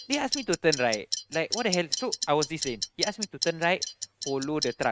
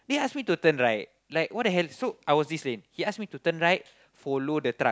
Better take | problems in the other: second | noise reduction (neural mask model RNNoise)

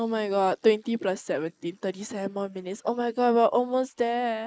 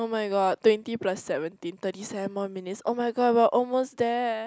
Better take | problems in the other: second | noise reduction (neural mask model Resemble Enhance denoiser)

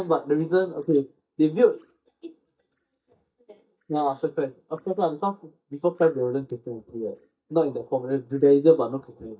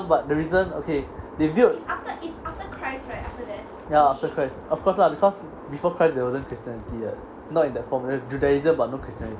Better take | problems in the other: second | noise reduction (neural mask model DeepFilterNet 3)

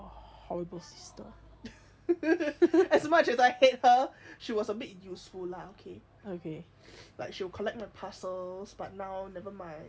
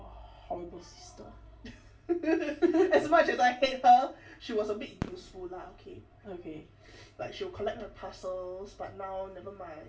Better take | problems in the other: first | background sound (Fireworks); 18 dB below the speech // room echo; dies away in 0.3 s

